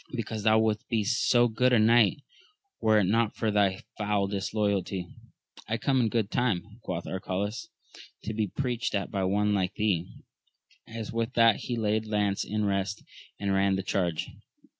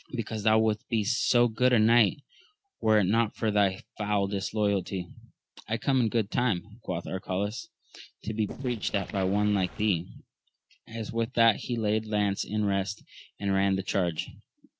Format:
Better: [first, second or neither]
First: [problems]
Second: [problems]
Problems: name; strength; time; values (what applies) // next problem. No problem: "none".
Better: first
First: none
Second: noise reduction (neural separator model SepFormer DNS4)